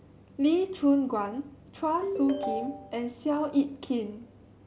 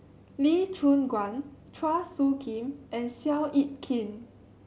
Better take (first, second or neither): second